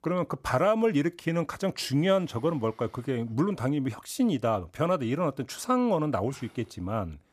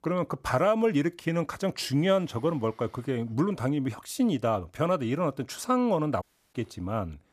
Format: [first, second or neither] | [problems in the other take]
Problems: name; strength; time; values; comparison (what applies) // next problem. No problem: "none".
first | audio cutting out; at 6 s